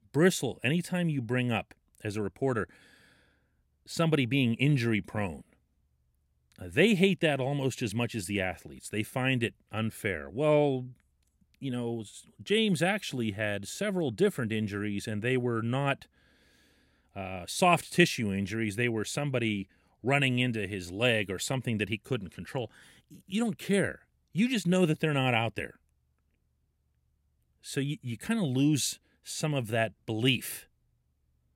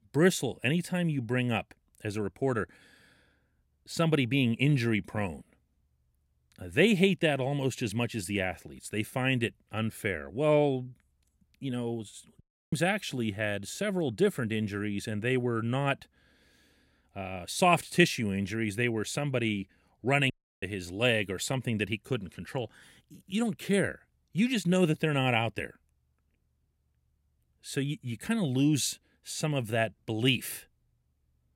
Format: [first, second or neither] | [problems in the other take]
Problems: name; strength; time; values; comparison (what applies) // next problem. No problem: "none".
first | audio cutting out; at 12 s and at 20 s